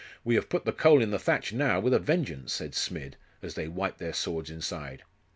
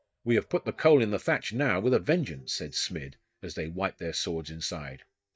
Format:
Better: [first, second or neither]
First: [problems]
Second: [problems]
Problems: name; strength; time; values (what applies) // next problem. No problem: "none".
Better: first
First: none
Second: noise reduction (neural mask model DeepFilterNet 3)